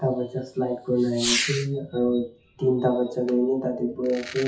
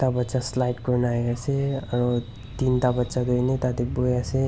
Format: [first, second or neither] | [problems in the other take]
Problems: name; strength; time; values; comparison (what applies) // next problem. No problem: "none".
second | noise reduction (classical method WPE with log-MMSE)